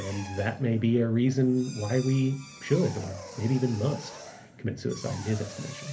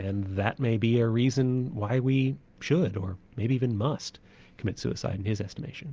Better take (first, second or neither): second